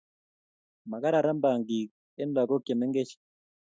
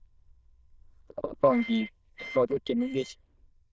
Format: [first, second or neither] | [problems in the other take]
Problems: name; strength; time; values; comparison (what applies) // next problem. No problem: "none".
first | noise reduction (neural diffusion model UNIVERSE++)